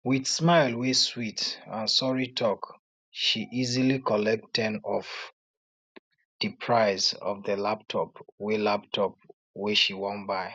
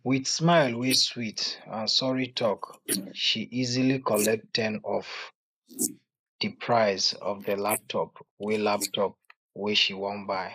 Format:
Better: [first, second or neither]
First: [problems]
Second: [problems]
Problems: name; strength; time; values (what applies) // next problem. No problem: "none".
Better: first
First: none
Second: noise reduction (neural mask model Resemble Enhance denoiser)